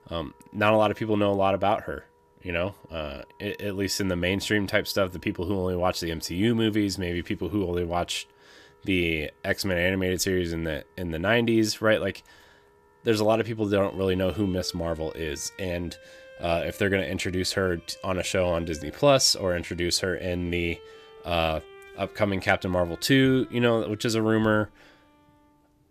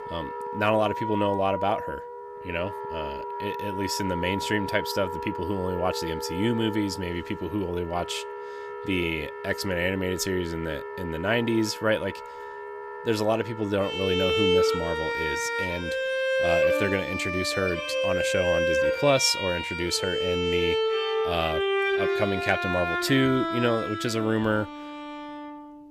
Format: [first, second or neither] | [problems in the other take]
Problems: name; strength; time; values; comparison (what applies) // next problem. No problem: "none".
first | background music; loud; throughout; 2 dB below the speech; faint in the first